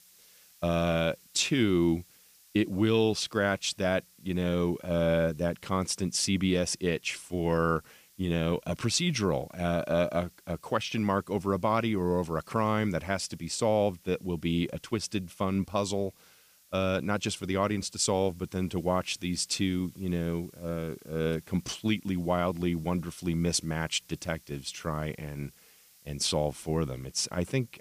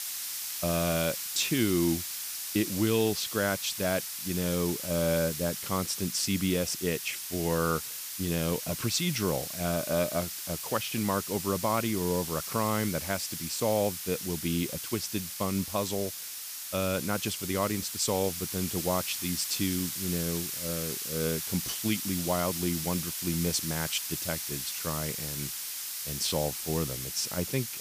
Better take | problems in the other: first | hiss; loud; throughout; 3 dB below the speech; faint in the first

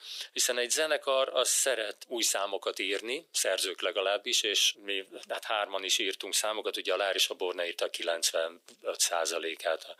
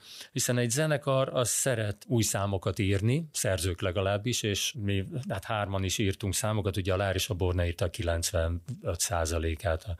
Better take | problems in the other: second | thin; very; fading below 350 Hz

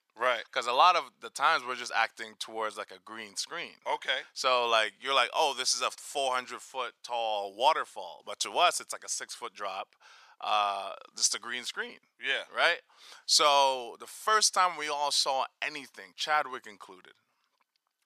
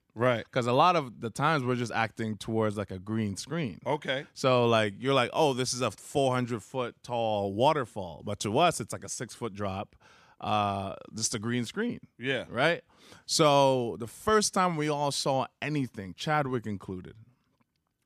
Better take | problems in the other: second | thin; very; fading below 900 Hz

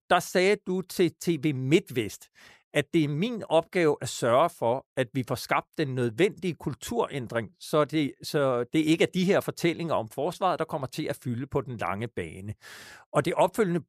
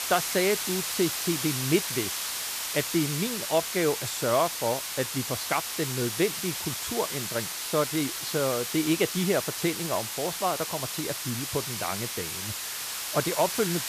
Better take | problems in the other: first | hiss; loud; throughout; 1 dB below the speech

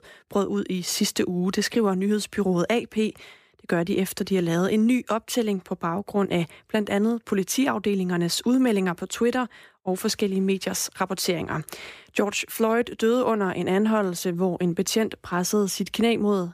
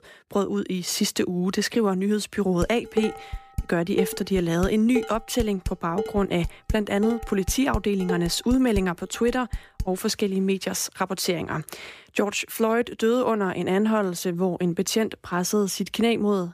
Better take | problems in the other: first | clattering dishes; noticeable; from 2.5 to 10 s; peak 4 dB below the speech

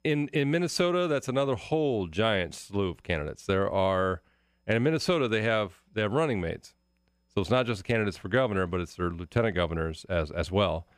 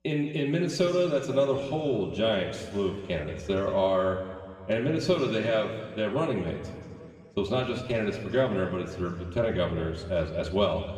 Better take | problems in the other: first | room echo; noticeable; dies away in 2 s // off-mic speech; far

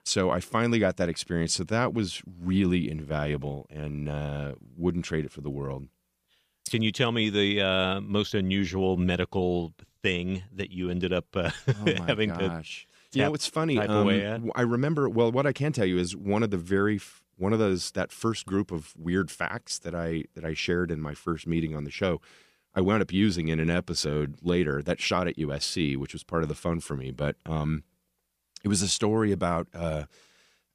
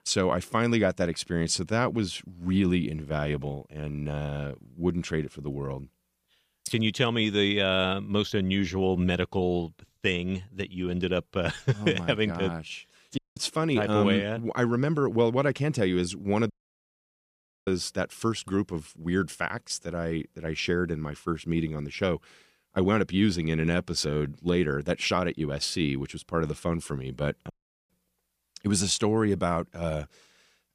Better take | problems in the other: first | audio cutting out; at 13 s, at 17 s for 1 s and at 28 s

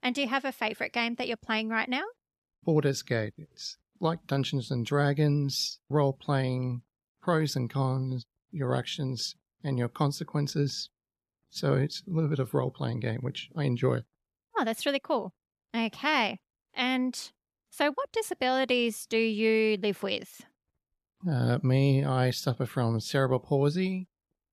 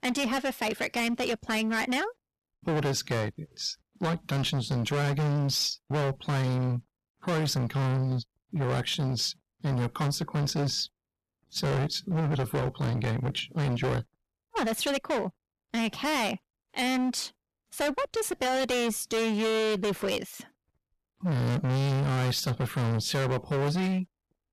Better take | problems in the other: first | distortion; heavy; 26% of the sound clipped

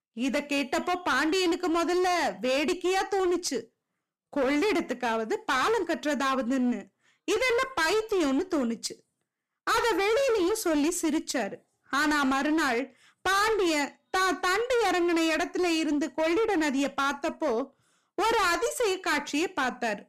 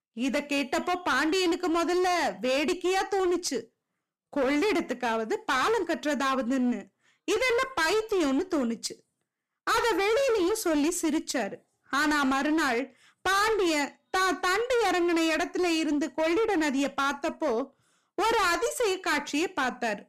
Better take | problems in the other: neither | distortion; heavy; 22% of the sound clipped; the same in both

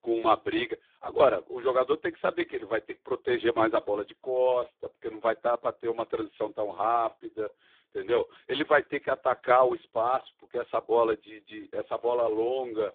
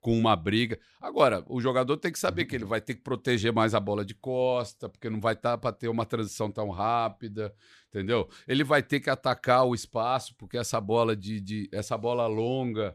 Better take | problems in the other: second | phone-call audio; poor line

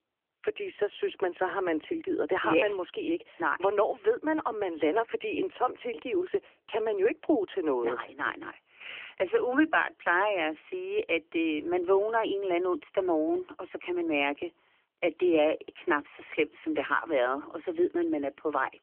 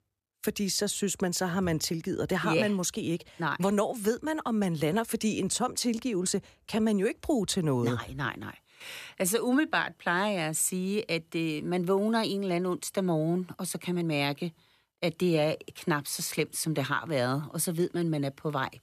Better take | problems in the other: second | phone-call audio; nothing above 3 kHz

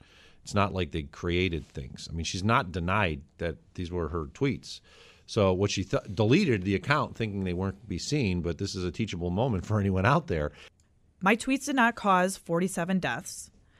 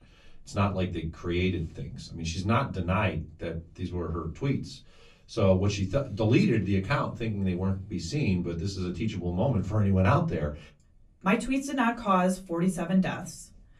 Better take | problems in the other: first | off-mic speech; far // room echo; very slight; dies away in 0.3 s

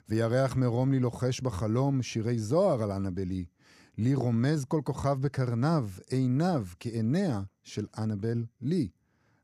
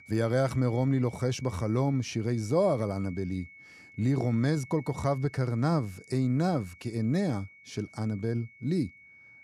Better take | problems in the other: first | high-pitched whine; faint; throughout; 2.5 kHz, 20 dB below the speech

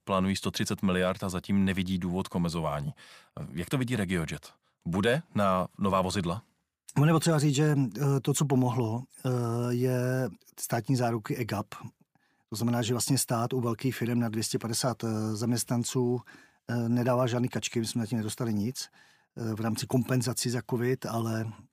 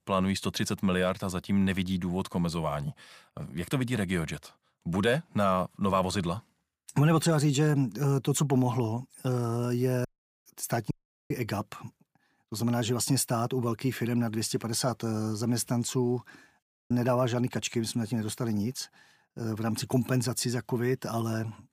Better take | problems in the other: first | audio cutting out; at 10 s, at 11 s and at 17 s

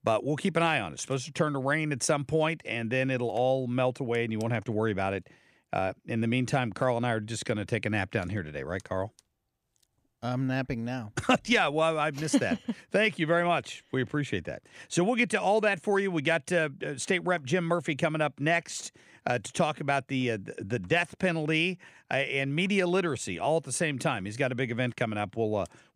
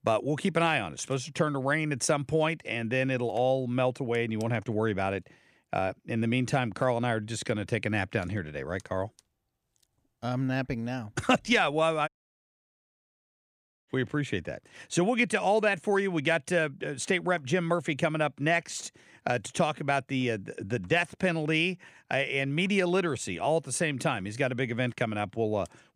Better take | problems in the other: first | audio cutting out; at 12 s for 2 s

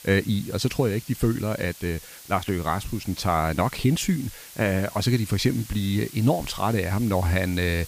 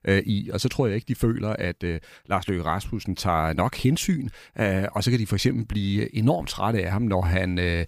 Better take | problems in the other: second | hiss; noticeable; throughout; 15 dB below the speech

